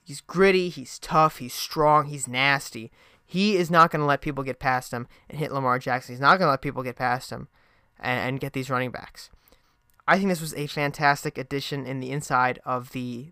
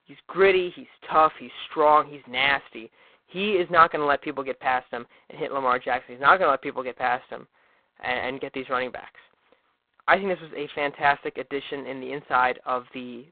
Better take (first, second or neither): first